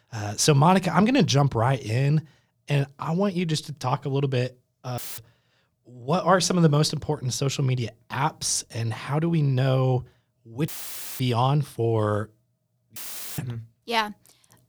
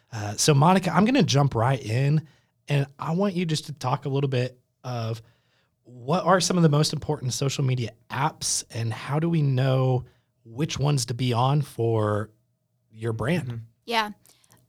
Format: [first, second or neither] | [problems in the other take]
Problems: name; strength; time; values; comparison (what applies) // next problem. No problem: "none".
second | audio cutting out; filled with static; at 5 s, at 11 s for 0.5 s and at 13 s